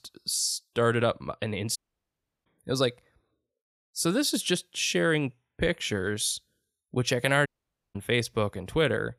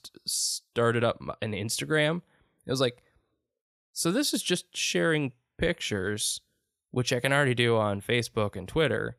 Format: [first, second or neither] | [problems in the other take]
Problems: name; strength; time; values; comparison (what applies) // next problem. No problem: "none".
second | audio cutting out; at 2 s for 0.5 s and at 7.5 s